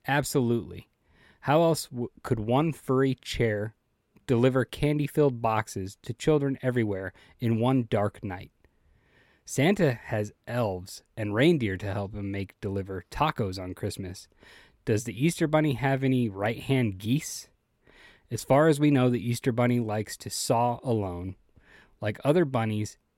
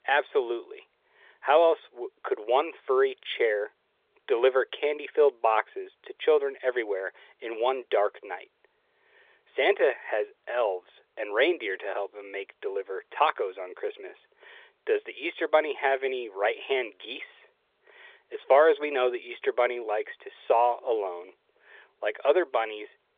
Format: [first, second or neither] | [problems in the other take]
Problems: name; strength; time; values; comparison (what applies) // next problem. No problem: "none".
first | phone-call audio; nothing above 3.5 kHz